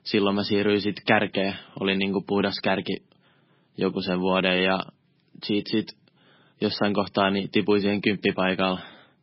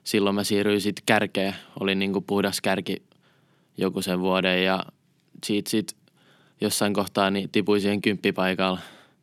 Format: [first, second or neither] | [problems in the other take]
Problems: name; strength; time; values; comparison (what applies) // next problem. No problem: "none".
second | garbled, watery; badly; nothing above 5.5 kHz